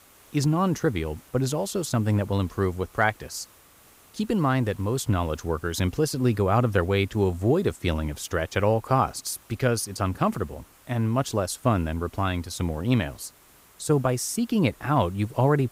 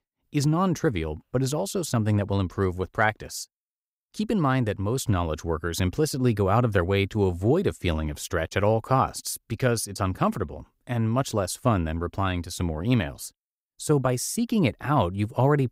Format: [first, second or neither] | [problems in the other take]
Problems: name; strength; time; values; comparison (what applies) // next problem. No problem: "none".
second | hiss; faint; throughout; 25 dB below the speech